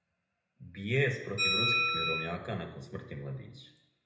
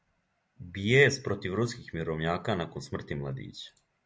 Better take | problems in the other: second | background sound (Bell); 1 dB above the speech // room echo; dies away in 0.8 s

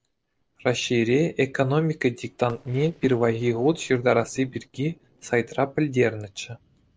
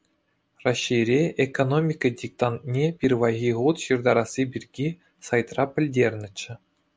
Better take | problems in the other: second | noise reduction (neural separator model SepFormer DNS4)

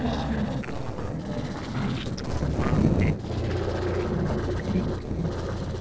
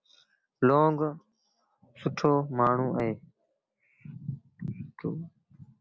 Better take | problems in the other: second | noise reduction (neural separator model SepFormer DNS4)

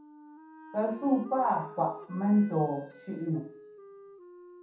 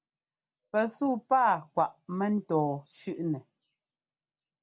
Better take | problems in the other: second | background sound (Wind instrument, woodwind instrument); 18 dB below the speech // room echo; dies away in 0.7 s

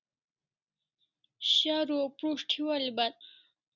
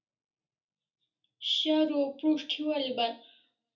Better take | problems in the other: first | room echo; dies away in 0.3 s

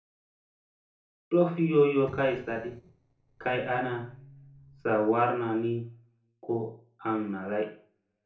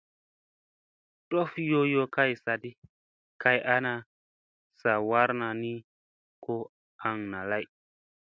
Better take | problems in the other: second | noise reduction (neural separator model SepFormer DNS4)

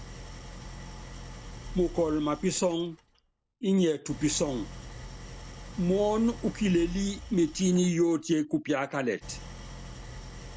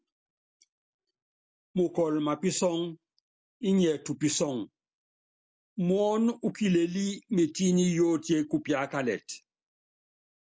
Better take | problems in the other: second | background sound (Idling); 14 dB below the speech

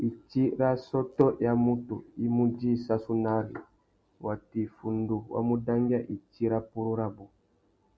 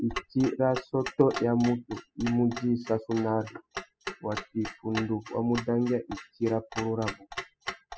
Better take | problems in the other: first | noise reduction (classical method spectral subtraction)

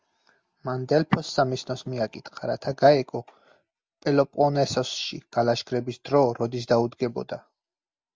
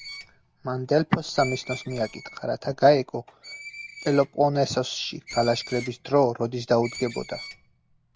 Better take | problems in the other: first | background sound (Screech); 17 dB below the speech

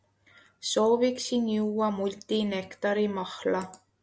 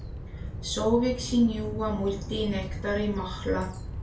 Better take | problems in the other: first | background sound (Bird vocalization, bird call, bird song); 7 dB below the speech // room echo; dies away in 0.3 s

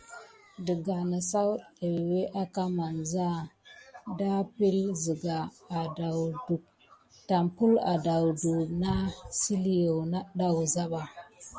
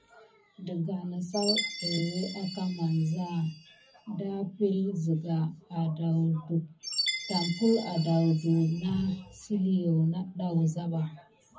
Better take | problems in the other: first | background sound (Chime); 11 dB below the speech // room echo; dies away in 0.4 s

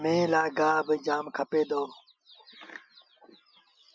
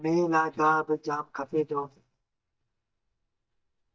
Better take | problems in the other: first | noise reduction (neural mask model DeepFilterNet 3)

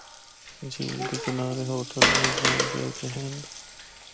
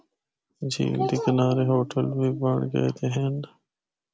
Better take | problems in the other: second | background sound (Water); 4 dB above the speech

